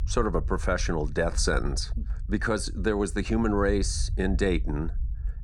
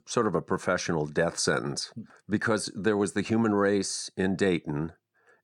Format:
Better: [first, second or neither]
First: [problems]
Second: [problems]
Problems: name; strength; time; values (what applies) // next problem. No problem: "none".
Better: second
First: low rumble; faint; throughout; 25 dB below the speech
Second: none